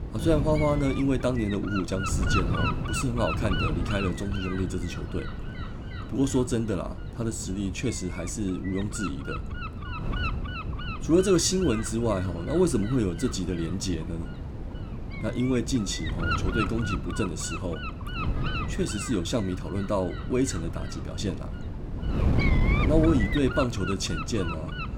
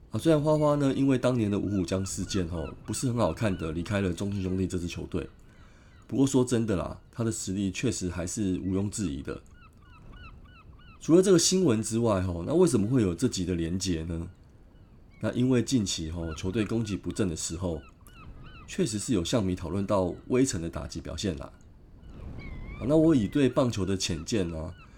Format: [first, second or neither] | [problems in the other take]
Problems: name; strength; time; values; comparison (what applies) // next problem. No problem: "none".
second | wind noise on the microphone; heavy; 4 dB below the speech; occasional gusts in the second